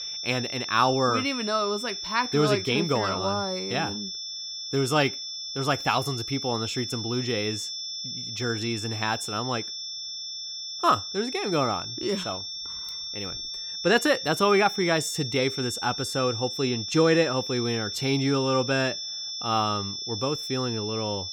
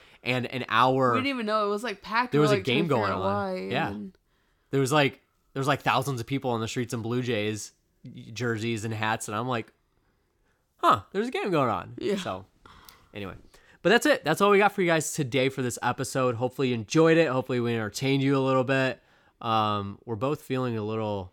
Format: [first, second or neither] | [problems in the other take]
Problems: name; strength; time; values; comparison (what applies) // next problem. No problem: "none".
second | high-pitched whine; loud; throughout; 5.5 kHz, 5 dB below the speech